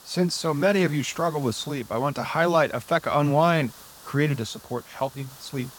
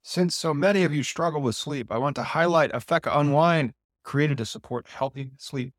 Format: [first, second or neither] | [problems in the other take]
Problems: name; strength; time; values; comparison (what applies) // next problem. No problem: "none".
second | hiss; faint; throughout; 20 dB below the speech